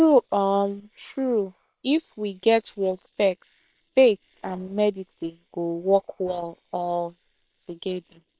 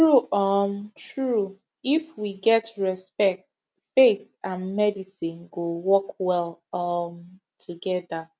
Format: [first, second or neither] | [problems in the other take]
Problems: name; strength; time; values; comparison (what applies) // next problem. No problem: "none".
second | noise reduction (neural separator model SepFormer WHAM!)